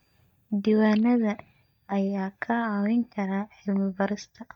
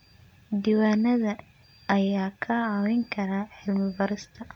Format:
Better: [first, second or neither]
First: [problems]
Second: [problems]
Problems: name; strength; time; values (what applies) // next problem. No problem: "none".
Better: second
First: noise reduction (neural mask model DeepFilterNet 3)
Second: none